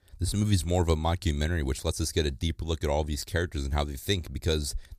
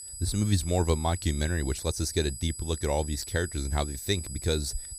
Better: first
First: none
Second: high-pitched whine; loud; throughout; 8 kHz, 10 dB below the speech

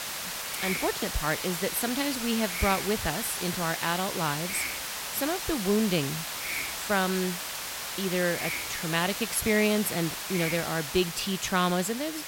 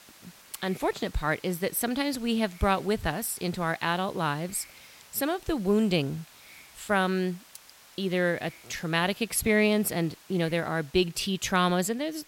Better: second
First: hiss; loud; throughout; 3 dB below the speech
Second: hiss; faint; throughout; 25 dB below the speech

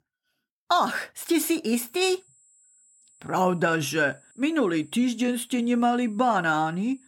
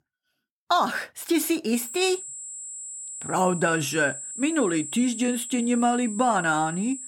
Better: first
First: high-pitched whine; faint; from 1.5 s on; 7.5 kHz, 30 dB below the speech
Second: high-pitched whine; loud; from 1.5 s on; 7.5 kHz, 9 dB below the speech

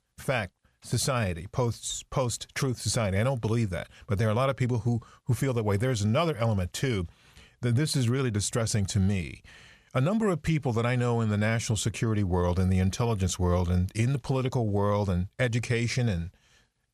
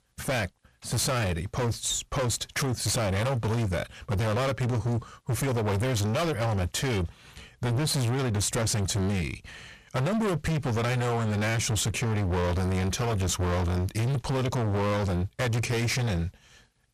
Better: first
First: none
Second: distortion; heavy; 36% of the sound clipped

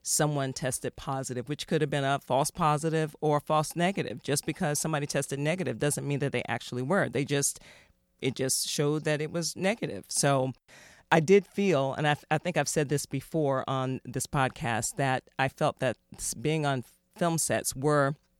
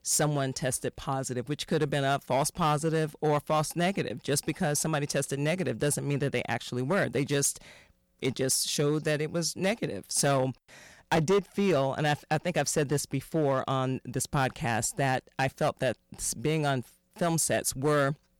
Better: first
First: none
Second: distortion; slight; 5% of the sound clipped

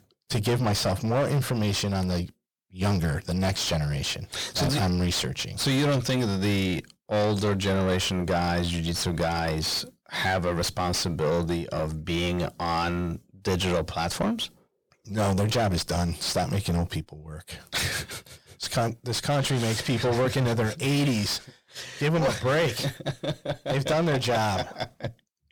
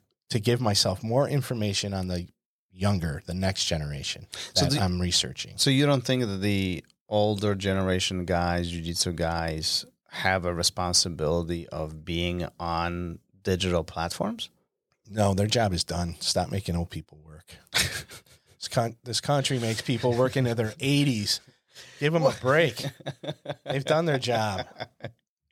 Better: second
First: distortion; heavy; 5 dB below the speech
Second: none

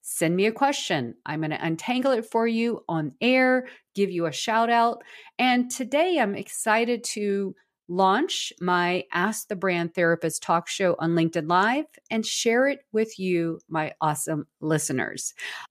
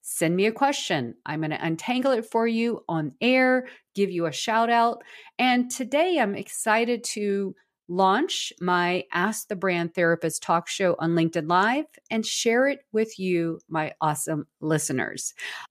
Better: neither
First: none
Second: none

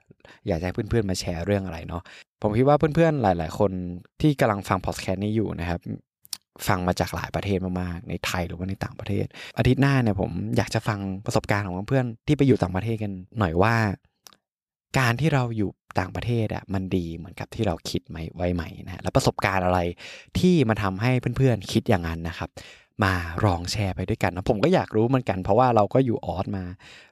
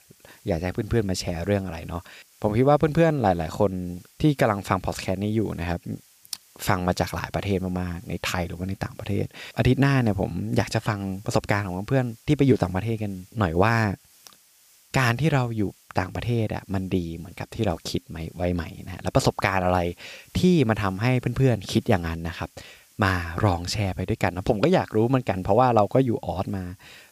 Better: first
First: none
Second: hiss; faint; throughout; 30 dB below the speech

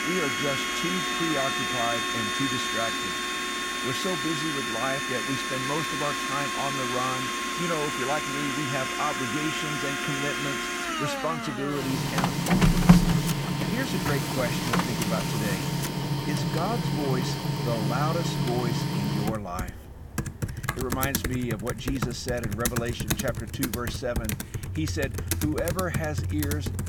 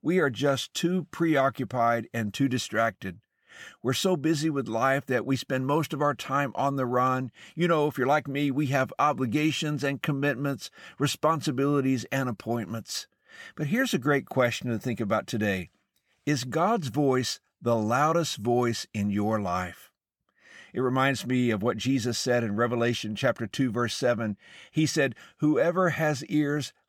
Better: second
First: household noises; very loud; throughout; 4 dB above the speech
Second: none

